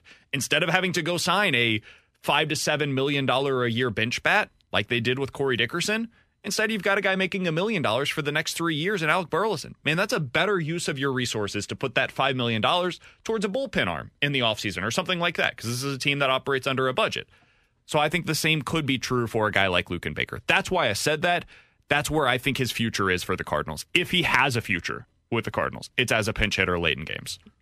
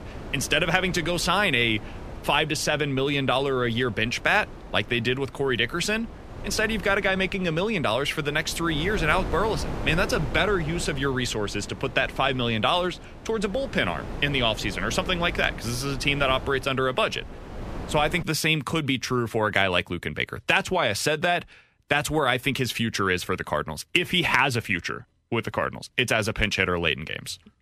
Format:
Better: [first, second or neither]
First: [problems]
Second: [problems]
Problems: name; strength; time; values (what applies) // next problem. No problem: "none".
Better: first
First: none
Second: wind noise on the microphone; occasional gusts; until 18 s; 15 dB below the speech